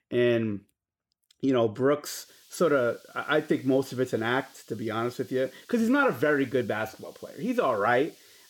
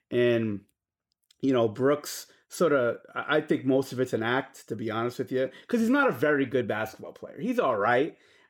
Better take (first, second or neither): second